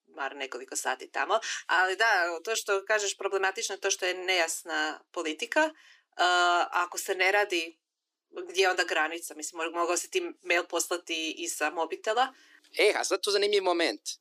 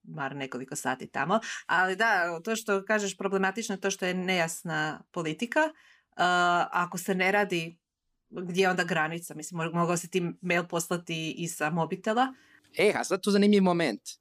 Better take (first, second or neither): second